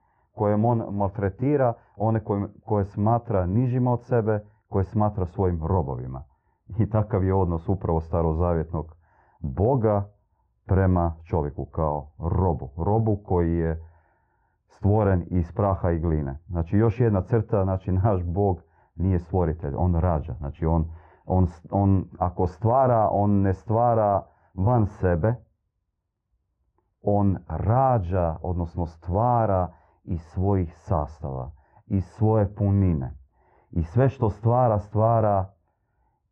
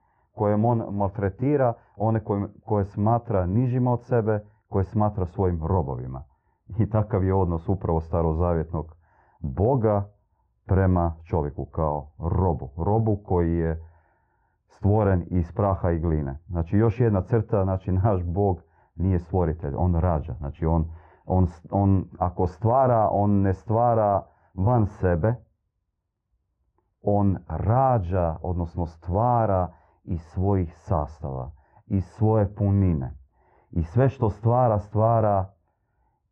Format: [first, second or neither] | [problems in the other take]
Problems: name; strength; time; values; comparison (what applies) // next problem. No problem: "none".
neither | muffled; very; fading above 1.5 kHz; the same in both